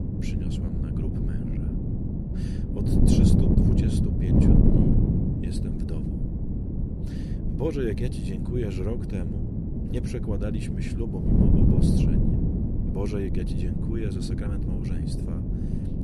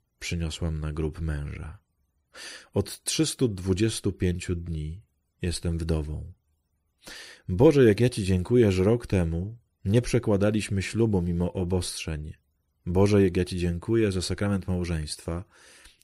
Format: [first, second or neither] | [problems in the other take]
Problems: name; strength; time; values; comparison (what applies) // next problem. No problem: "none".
second | wind noise on the microphone; heavy; 4 dB above the speech